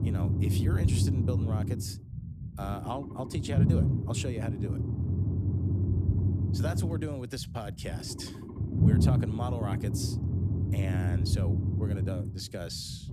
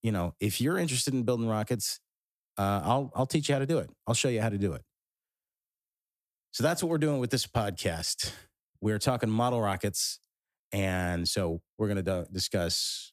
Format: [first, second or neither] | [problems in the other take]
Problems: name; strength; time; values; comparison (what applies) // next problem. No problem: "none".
second | low rumble; loud; throughout; 1 dB below the speech